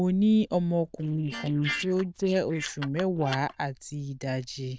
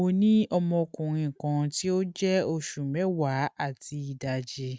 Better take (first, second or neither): second